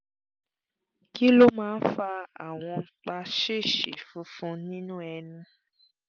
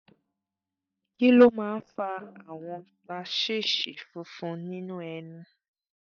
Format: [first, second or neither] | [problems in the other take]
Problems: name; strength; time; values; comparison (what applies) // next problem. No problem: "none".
first | noise reduction (neural mask model DeepFilterNet 3)